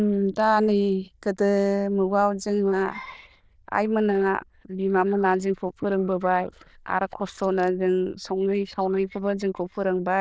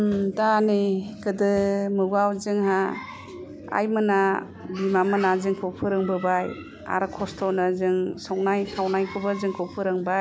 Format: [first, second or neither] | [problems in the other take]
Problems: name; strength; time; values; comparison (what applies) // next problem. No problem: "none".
second | noise reduction (neural diffusion model UNIVERSE++)